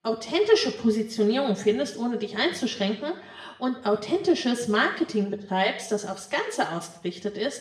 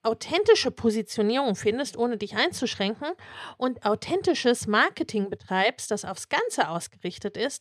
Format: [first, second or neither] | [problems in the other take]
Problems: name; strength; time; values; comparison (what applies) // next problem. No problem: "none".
second | room echo; slight; dies away in 0.6 s // off-mic speech; far